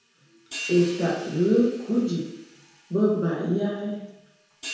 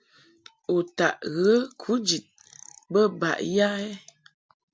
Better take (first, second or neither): second